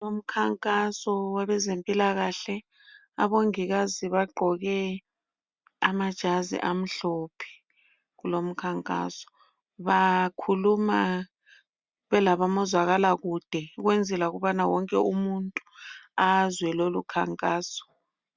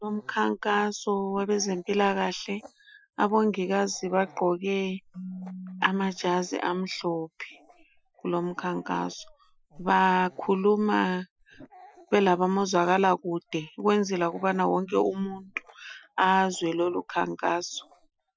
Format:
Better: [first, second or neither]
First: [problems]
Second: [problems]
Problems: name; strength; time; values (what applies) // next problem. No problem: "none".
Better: first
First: none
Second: noise reduction (classical method Wiener filter)